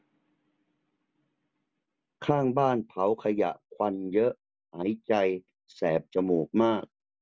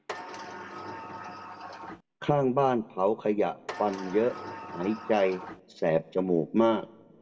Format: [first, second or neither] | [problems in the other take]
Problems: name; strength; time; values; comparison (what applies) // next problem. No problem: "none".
first | background sound (Sliding door); 13 dB below the speech // room echo; dies away in 1.4 s